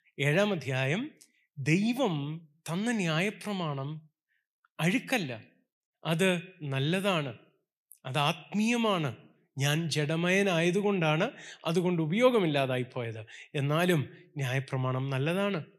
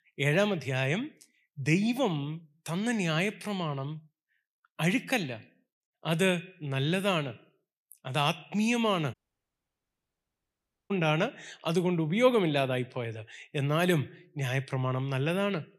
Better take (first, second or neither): first